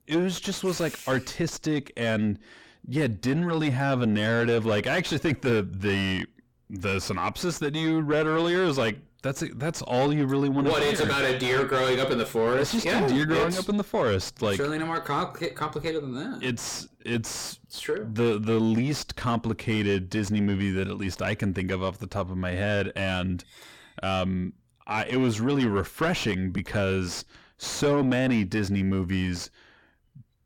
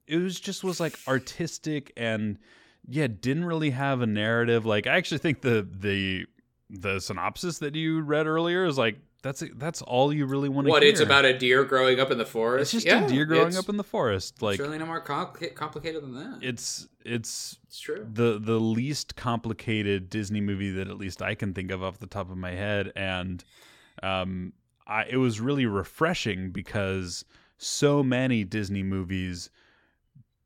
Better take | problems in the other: second | distortion; heavy; 5 dB below the speech

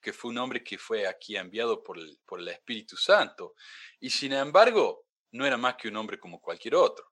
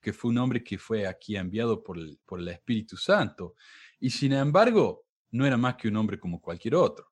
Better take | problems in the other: second | thin; somewhat; fading below 550 Hz

